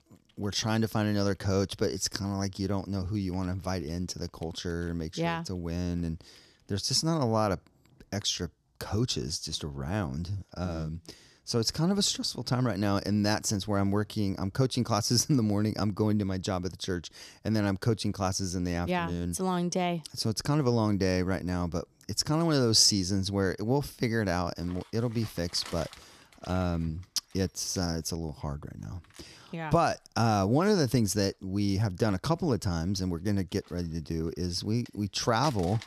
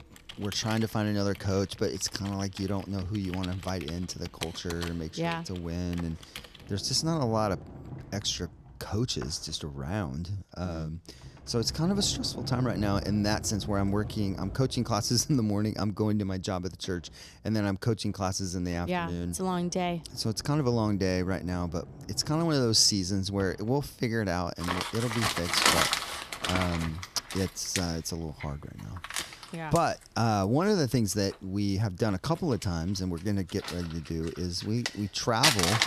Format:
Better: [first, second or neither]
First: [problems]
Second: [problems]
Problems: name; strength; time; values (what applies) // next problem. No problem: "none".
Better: first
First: household noises; faint; throughout; 25 dB below the speech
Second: household noises; loud; throughout; 4 dB below the speech